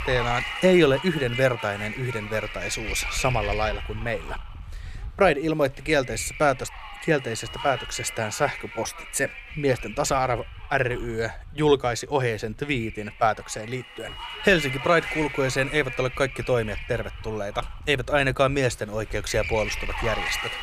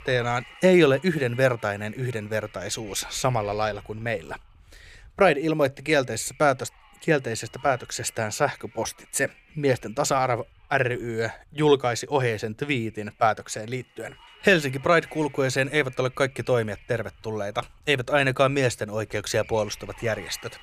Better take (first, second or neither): second